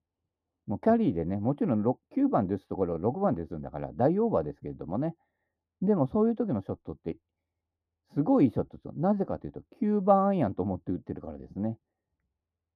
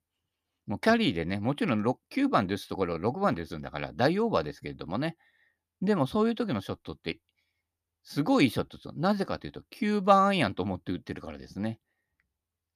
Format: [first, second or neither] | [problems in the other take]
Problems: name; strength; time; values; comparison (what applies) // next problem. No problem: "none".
second | muffled; very; fading above 1.5 kHz